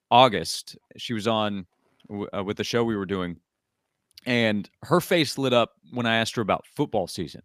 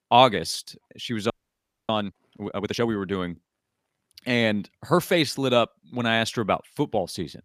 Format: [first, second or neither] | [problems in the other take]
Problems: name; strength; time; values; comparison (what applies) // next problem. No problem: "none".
first | audio freezing; at 1.5 s for 0.5 s